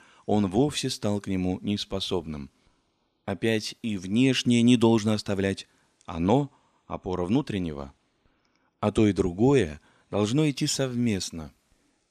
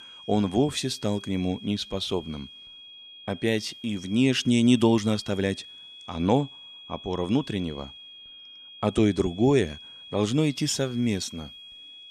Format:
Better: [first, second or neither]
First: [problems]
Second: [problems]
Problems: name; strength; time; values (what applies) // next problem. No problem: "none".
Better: first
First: none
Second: high-pitched whine; noticeable; throughout; 3.5 kHz, 15 dB below the speech